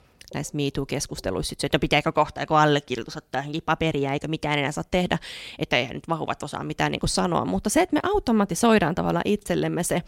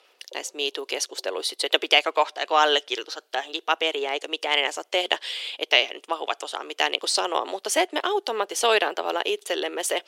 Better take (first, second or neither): first